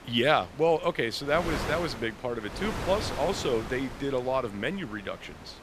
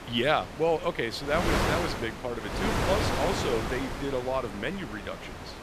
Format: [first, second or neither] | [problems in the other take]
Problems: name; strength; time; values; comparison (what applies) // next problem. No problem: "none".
first | wind noise on the microphone; heavy; 3 dB below the speech; occasional gusts in the first